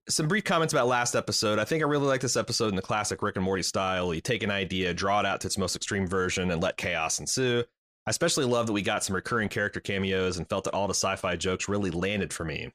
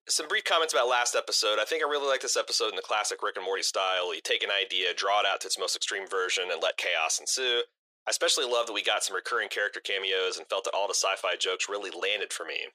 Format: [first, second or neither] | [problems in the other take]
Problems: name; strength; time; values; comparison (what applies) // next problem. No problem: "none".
first | thin; very; fading below 400 Hz